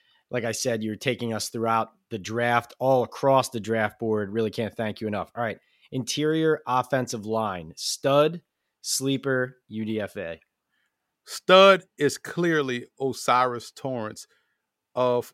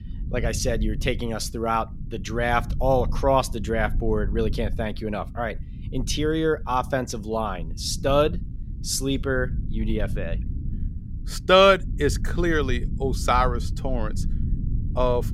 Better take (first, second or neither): first